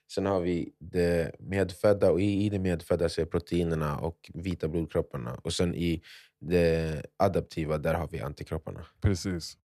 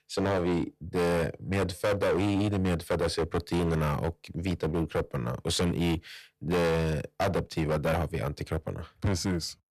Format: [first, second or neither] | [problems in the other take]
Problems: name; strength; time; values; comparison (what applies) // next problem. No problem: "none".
first | distortion; heavy; 17% of the sound clipped